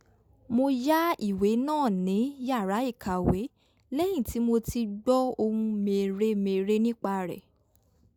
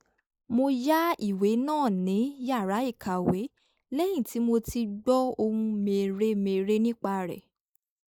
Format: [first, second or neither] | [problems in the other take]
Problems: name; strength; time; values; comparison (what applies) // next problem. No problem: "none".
first | noise reduction (neural mask model Resemble Enhance denoiser)